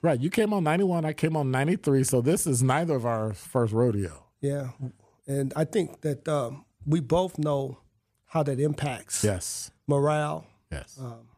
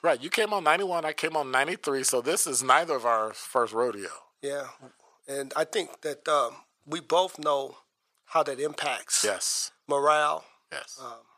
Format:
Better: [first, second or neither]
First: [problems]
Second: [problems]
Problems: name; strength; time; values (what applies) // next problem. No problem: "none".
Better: first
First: none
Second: thin; very; fading below 600 Hz